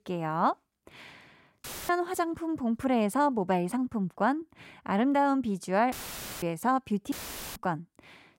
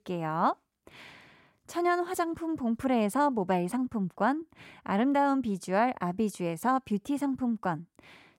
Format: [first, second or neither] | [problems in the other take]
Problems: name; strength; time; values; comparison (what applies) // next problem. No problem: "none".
second | audio cutting out; filled with static; at 1.5 s, at 6 s for 0.5 s and at 7 s